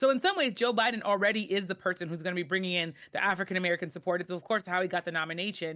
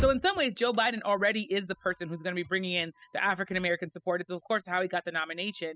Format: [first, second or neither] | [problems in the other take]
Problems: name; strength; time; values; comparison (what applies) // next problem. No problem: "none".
first | noise reduction (classical method spectral subtraction)